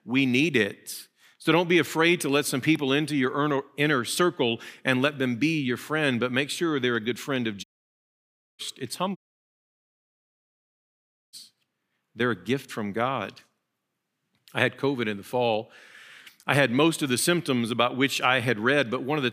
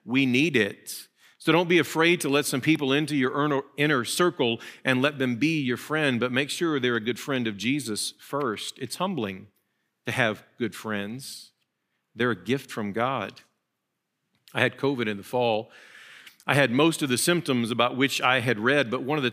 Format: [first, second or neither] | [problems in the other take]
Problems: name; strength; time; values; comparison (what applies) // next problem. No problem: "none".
second | audio cutting out; at 7.5 s for 1 s and at 9 s for 2 s